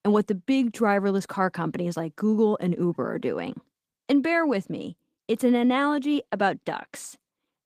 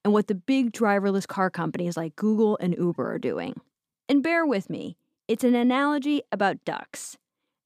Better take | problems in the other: second | garbled, watery; slightly; nothing above 15 kHz

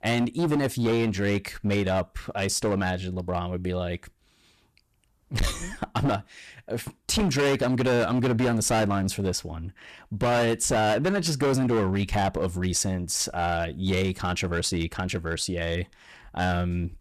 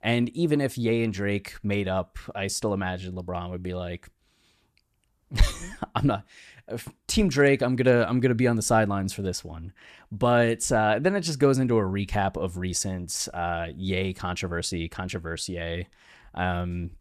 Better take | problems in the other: second | distortion; heavy; 13% of the sound clipped

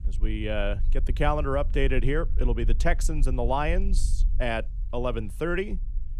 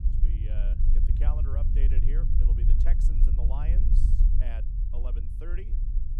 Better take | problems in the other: first | low rumble; loud; throughout; 1 dB below the speech; faint in the first

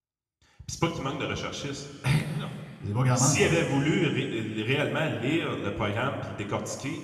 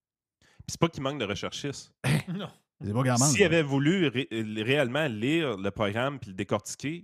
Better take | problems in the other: second | room echo; noticeable; dies away in 1.9 s // off-mic speech; somewhat distant

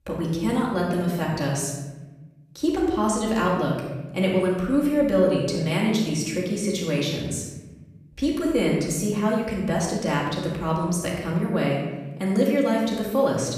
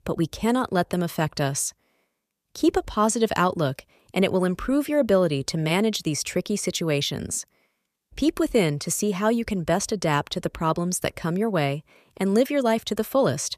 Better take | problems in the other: second | off-mic speech; far // room echo; noticeable; dies away in 1.2 s

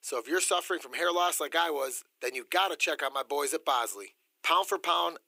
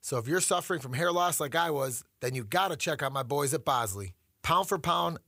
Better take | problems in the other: second | thin; very; fading below 300 Hz

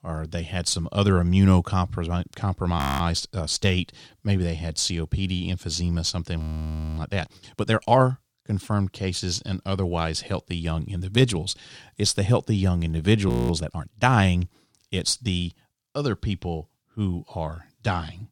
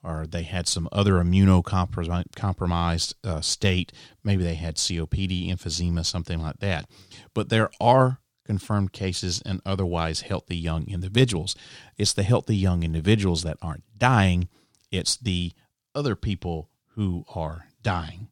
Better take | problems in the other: second | audio freezing; at 3 s, at 6.5 s for 0.5 s and at 13 s

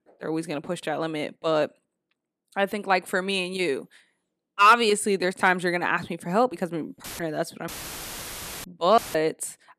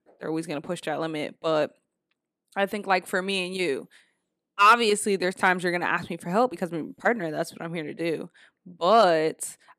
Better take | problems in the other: second | audio cutting out; filled with static; at 7 s, at 7.5 s for 1 s and at 9 s

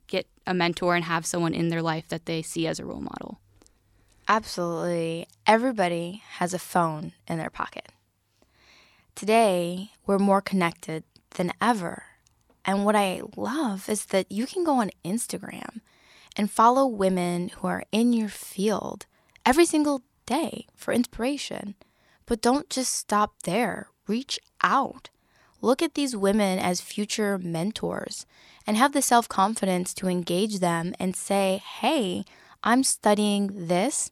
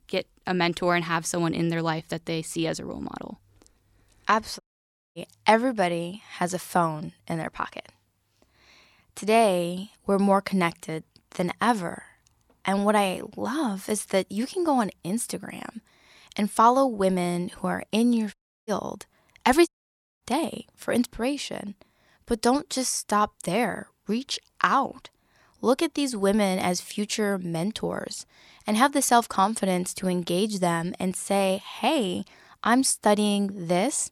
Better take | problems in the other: first | audio cutting out; at 4.5 s for 0.5 s, at 18 s and at 20 s for 0.5 s

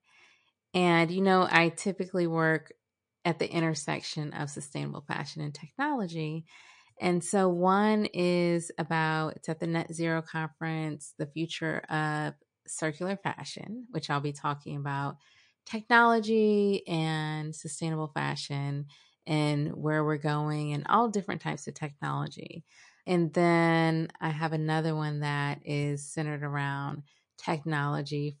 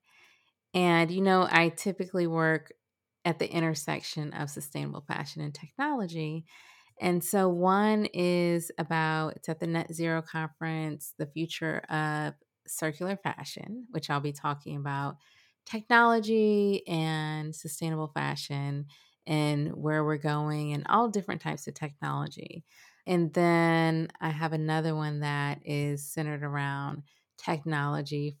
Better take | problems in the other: second | garbled, watery; slightly

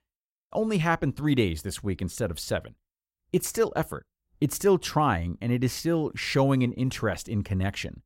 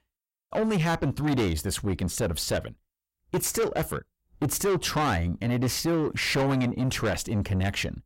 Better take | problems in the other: first | distortion; heavy; 6 dB below the speech

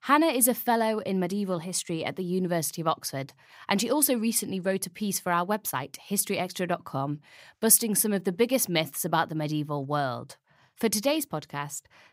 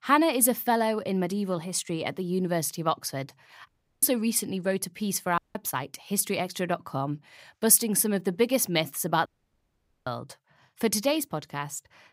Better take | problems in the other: first | audio cutting out; at 3.5 s, at 5.5 s and at 9.5 s for 1 s

